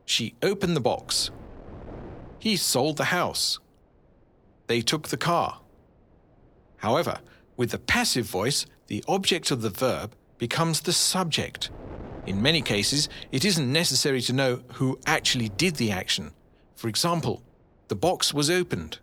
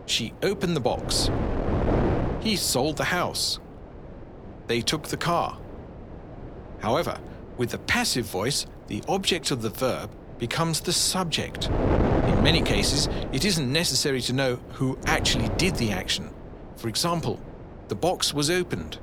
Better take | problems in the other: first | wind noise on the microphone; heavy; 7 dB below the speech; occasional gusts in the first

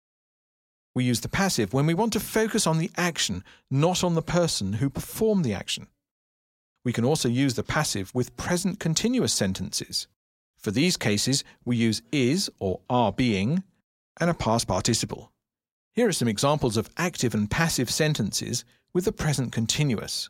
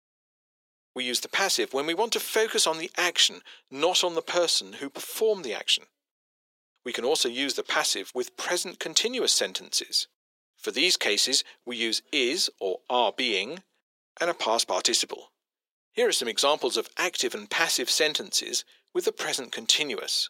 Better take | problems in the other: first | thin; very; fading below 350 Hz

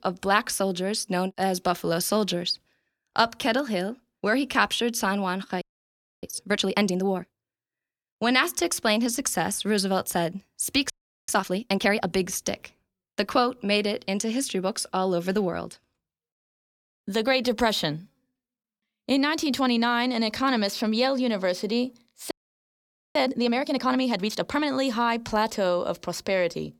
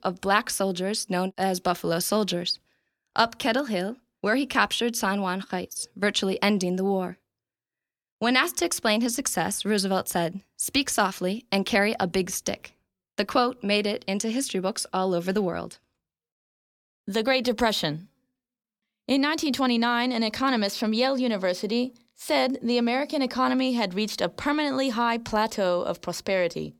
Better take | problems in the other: second | audio freezing; at 5.5 s for 0.5 s, at 11 s and at 22 s for 1 s

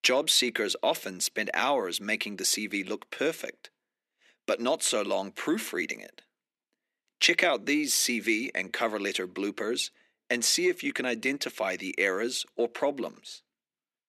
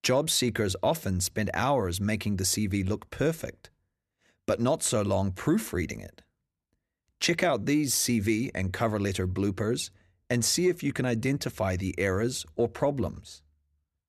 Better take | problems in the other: second | thin; somewhat; fading below 250 Hz

